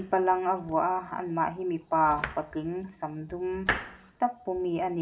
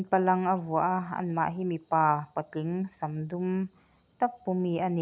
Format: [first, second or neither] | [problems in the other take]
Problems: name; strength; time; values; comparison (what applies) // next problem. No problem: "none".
second | background sound (Domestic sounds, home sounds); 11 dB below the speech // room echo; dies away in 0.4 s